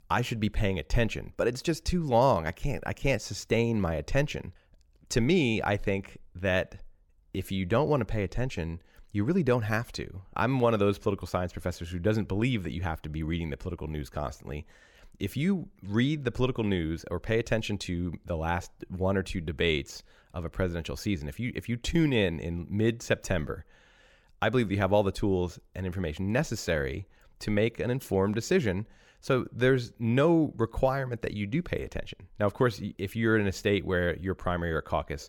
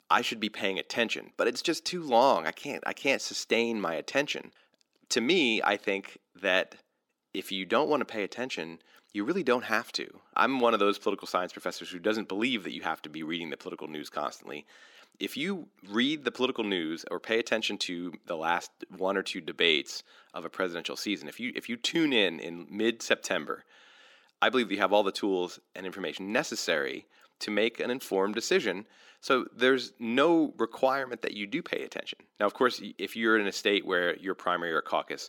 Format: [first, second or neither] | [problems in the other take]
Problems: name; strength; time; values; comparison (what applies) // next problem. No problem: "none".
first | thin; somewhat; fading below 250 Hz